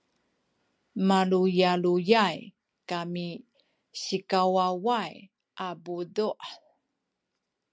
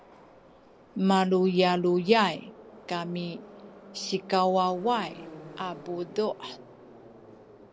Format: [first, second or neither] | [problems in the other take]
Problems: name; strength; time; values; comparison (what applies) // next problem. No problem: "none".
first | background sound (Subway, metro, underground); 19 dB below the speech